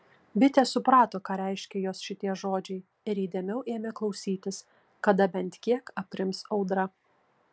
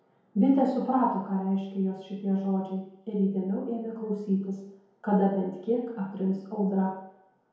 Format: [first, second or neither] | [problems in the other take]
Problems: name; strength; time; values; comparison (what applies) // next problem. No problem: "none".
first | room echo; dies away in 0.9 s